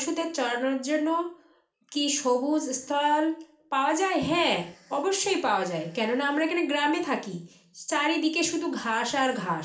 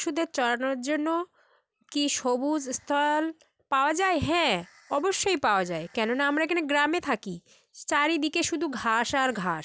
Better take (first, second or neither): second